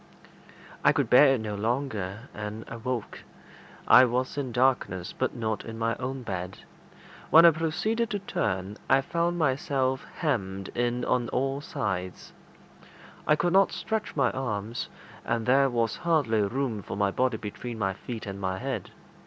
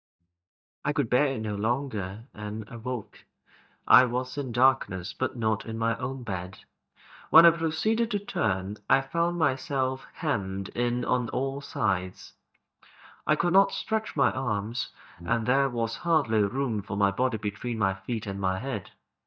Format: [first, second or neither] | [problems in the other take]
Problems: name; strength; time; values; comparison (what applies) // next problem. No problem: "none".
first | noise reduction (neural mask model DeepFilterNet 3)